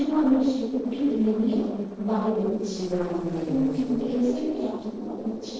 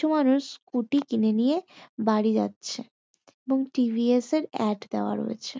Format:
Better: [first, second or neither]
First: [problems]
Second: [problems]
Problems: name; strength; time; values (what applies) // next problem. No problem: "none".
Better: second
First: noise reduction (neural separator model SepFormer DNS4)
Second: none